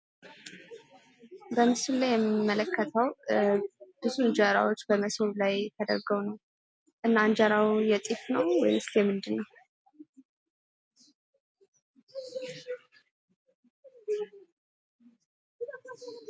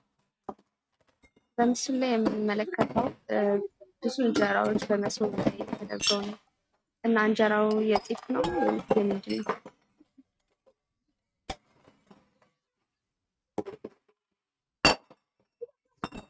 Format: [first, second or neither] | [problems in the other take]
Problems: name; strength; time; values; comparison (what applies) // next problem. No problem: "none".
first | noise reduction (neural mask model RNNoise)